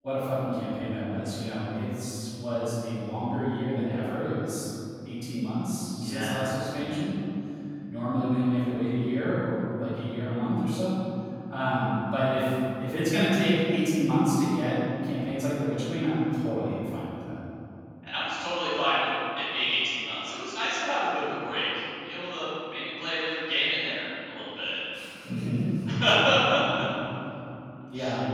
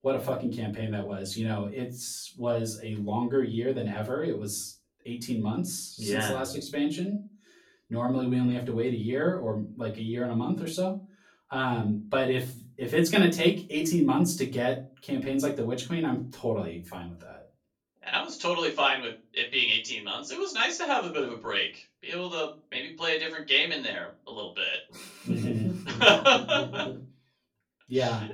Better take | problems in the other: second | room echo; strong; dies away in 3 s; slight in the second // off-mic speech; far; far in the second

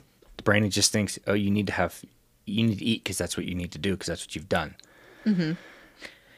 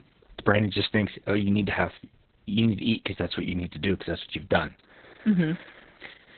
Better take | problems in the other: first | garbled, watery; badly; nothing above 4 kHz

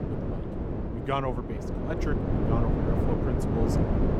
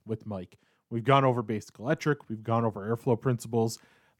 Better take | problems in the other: second | wind noise on the microphone; heavy; 1 dB above the speech

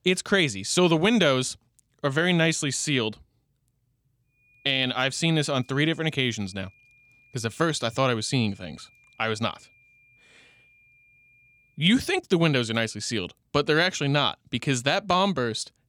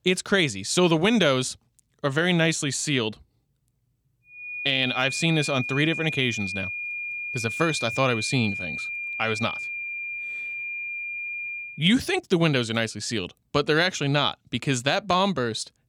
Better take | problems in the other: first | high-pitched whine; loud; from 4.5 to 12 s; 2.5 kHz, 6 dB below the speech; faint in the first

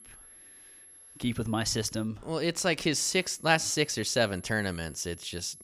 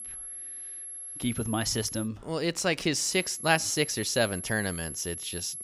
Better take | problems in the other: first | high-pitched whine; loud; until 2 s and from 3 s on; 11 kHz, 9 dB below the speech; faint in the first

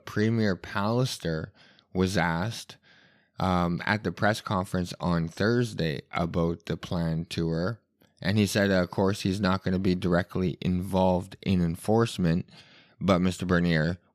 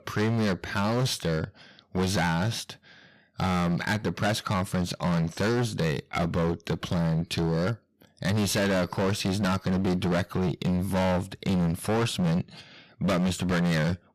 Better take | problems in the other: first | distortion; heavy; 21% of the sound clipped

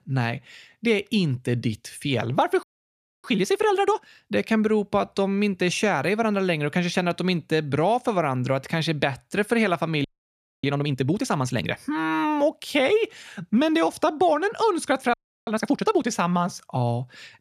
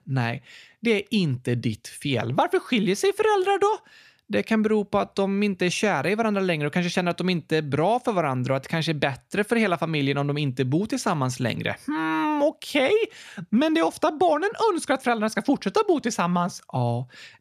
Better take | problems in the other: second | audio freezing; at 2.5 s for 0.5 s, at 10 s for 0.5 s and at 15 s

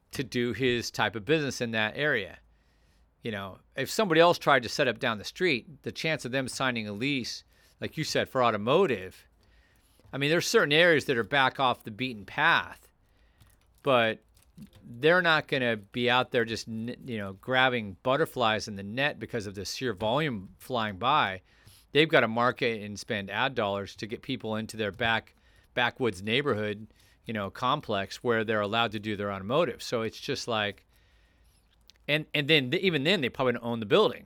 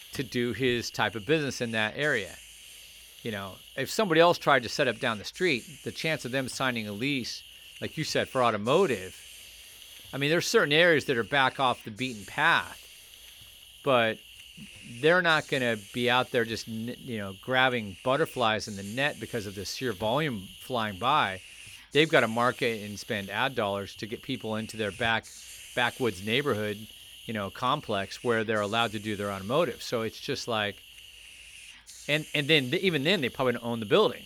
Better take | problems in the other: first | hiss; noticeable; throughout; 20 dB below the speech

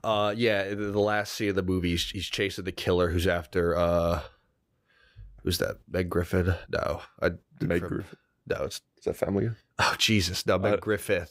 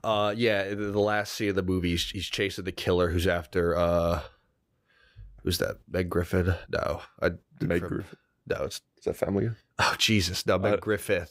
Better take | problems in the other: neither | none

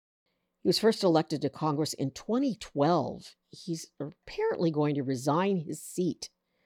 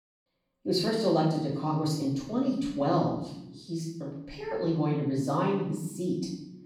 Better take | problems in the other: first | off-mic speech; far // room echo; noticeable; dies away in 0.8 s

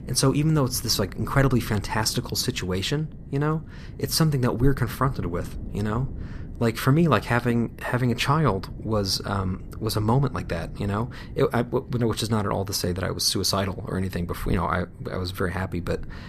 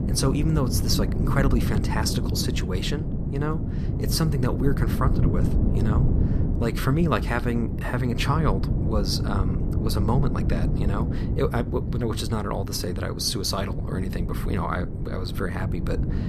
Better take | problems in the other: first | wind noise on the microphone; heavy; 7 dB below the speech; occasional gusts in the first

